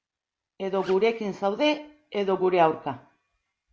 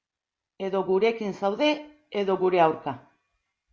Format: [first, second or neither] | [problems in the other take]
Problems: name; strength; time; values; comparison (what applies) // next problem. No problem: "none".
second | background sound (Zipper (clothing)); 19 dB below the speech